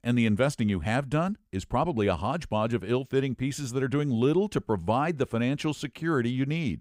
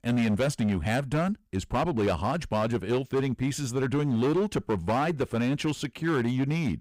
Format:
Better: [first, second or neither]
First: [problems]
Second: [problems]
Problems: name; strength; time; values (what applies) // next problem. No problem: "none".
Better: first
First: none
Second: distortion; slight; 13% of the sound clipped